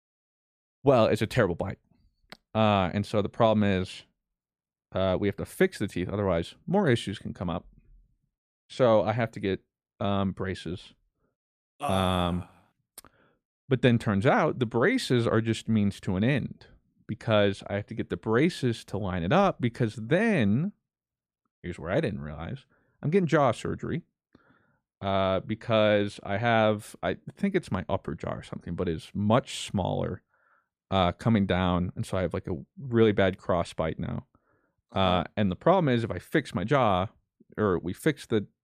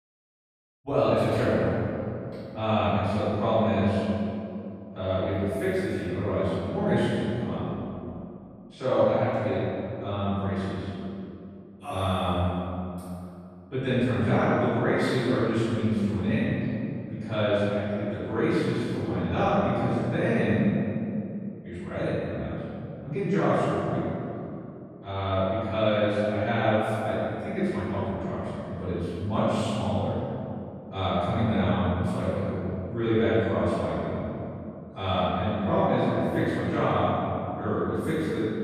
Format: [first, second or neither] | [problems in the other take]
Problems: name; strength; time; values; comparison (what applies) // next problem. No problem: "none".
first | off-mic speech; far // room echo; strong; dies away in 2.6 s